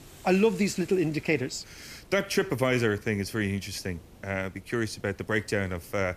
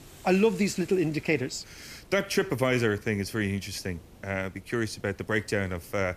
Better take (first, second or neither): neither